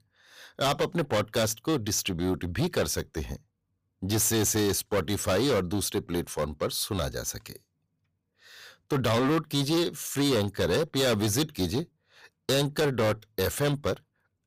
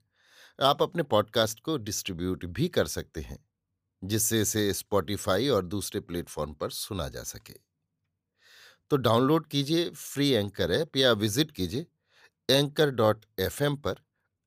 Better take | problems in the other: second | distortion; heavy; 14% of the sound clipped

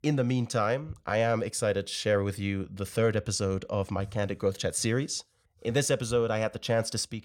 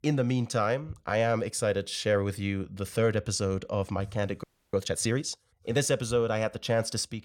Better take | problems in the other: first | audio freezing; at 4.5 s

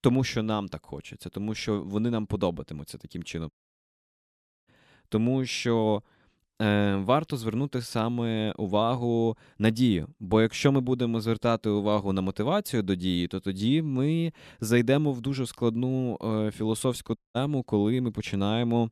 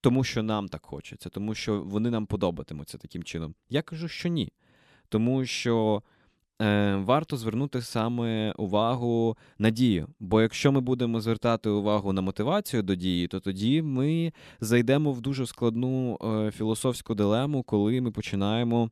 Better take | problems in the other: second | audio cutting out; at 3.5 s for 1 s and at 17 s

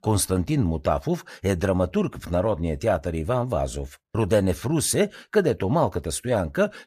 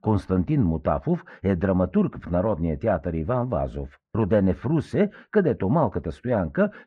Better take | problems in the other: first | muffled; very; fading above 1.5 kHz

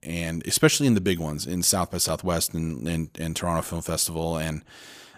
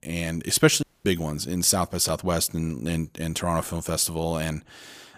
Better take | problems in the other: first | audio cutting out; at 1 s

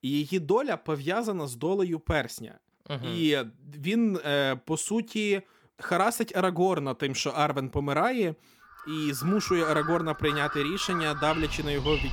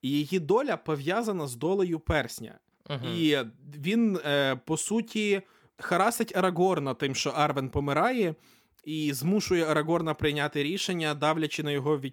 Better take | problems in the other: second | animal sounds; loud; from 9 s on; 7 dB below the speech

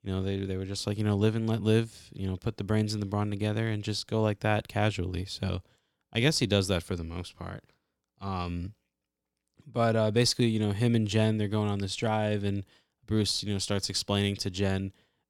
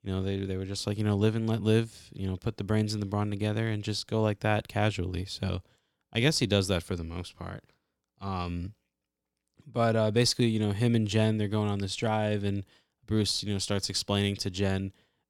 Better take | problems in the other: neither | none

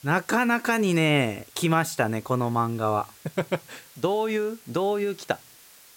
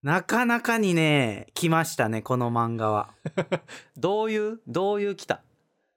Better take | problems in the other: second | hiss; faint; throughout; 25 dB below the speech

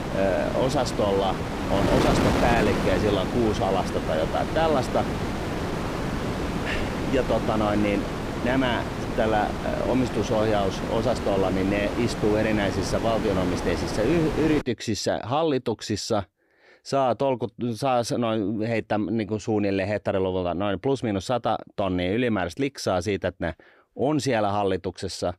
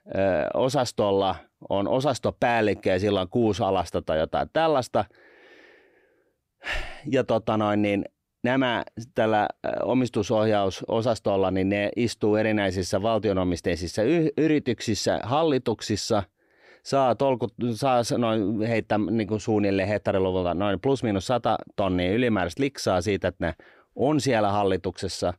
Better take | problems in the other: second | wind noise on the microphone; heavy; until 15 s; 4 dB below the speech

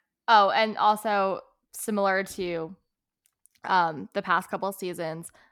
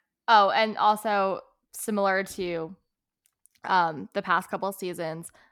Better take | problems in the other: neither | none

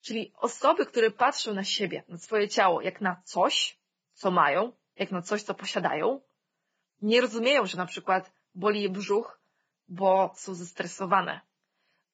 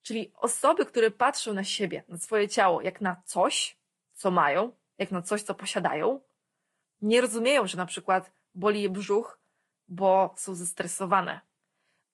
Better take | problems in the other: second | garbled, watery; badly; nothing above 7.5 kHz; slightly in the second

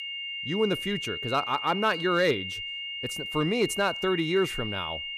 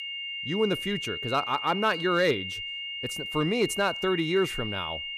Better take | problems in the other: neither | high-pitched whine; loud; throughout; 3 kHz, 5 dB below the speech; the same in both

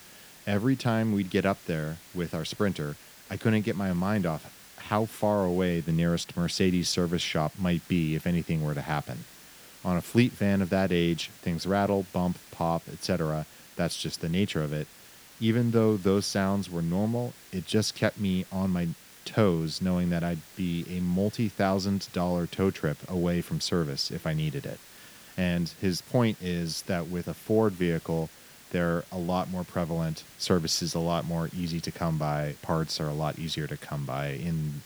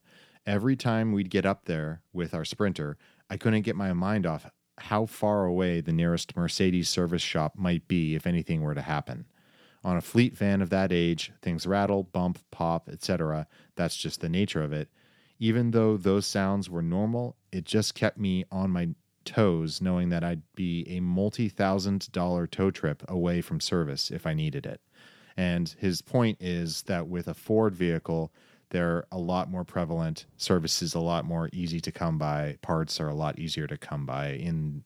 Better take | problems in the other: second | hiss; noticeable; throughout; 20 dB below the speech

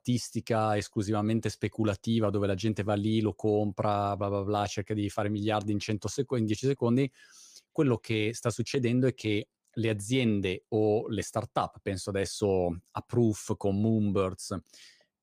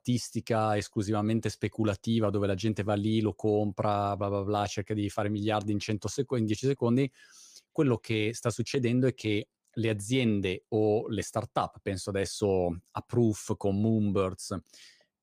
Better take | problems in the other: neither | none

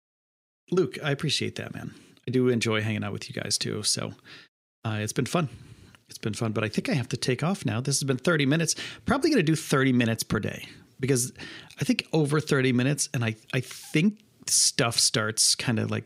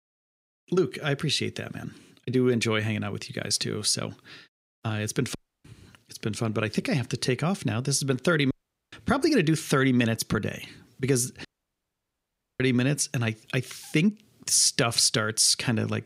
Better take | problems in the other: first | audio cutting out; at 5.5 s, at 8.5 s and at 11 s for 1 s

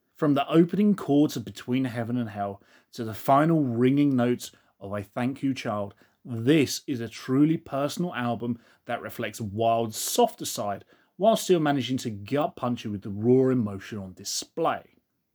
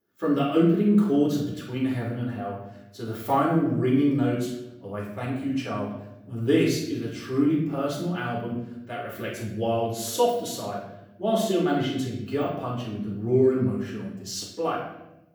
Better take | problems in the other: first | off-mic speech; far // room echo; noticeable; dies away in 0.7 s

